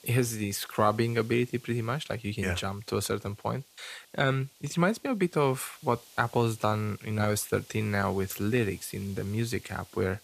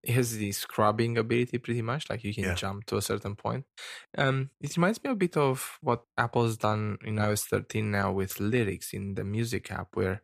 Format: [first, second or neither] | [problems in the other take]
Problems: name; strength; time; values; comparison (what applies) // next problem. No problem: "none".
second | hiss; faint; throughout; 25 dB below the speech